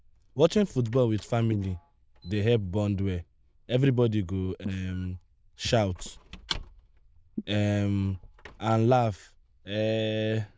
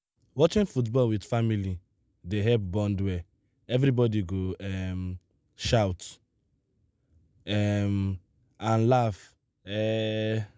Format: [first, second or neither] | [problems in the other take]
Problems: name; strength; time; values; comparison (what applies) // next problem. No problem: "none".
second | noise reduction (neural diffusion model UNIVERSE++)